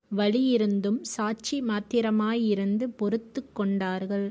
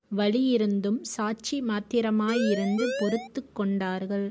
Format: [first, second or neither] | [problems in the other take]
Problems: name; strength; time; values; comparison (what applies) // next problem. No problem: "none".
first | background sound (Siren); 4 dB below the speech